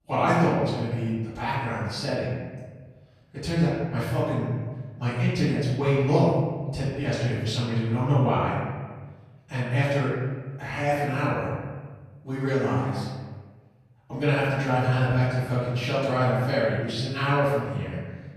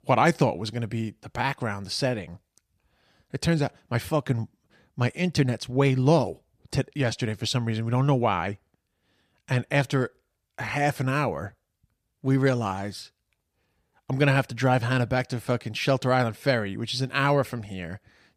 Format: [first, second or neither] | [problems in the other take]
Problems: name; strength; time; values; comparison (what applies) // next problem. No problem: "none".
second | off-mic speech; far // room echo; strong; dies away in 1.4 s